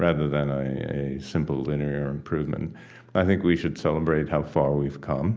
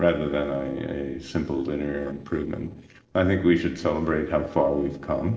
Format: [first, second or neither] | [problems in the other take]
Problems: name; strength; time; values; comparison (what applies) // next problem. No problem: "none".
first | noise reduction (neural separator model SepFormer DNS4)